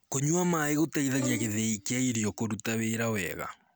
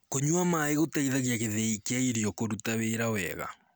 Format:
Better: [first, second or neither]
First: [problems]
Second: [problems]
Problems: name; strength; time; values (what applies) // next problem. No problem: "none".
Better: second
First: background sound (Bowed string instrument); 15 dB below the speech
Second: none